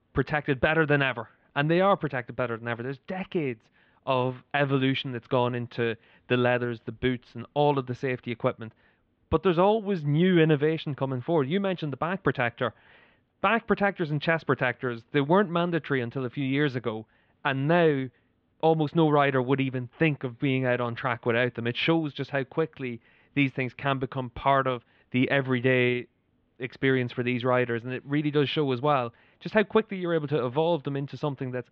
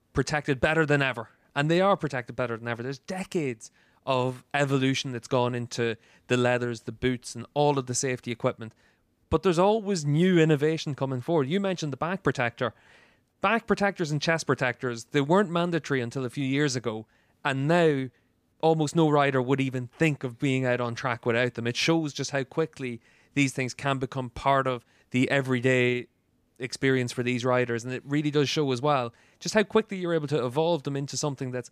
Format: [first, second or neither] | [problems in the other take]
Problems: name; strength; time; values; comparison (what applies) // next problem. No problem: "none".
second | muffled; very; fading above 3.5 kHz